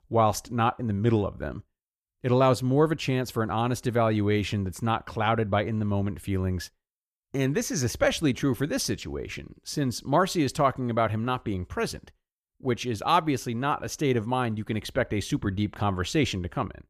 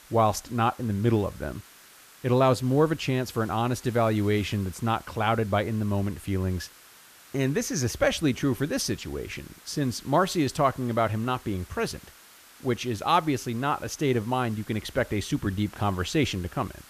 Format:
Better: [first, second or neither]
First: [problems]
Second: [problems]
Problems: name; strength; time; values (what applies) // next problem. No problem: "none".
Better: first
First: none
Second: hiss; faint; throughout; 20 dB below the speech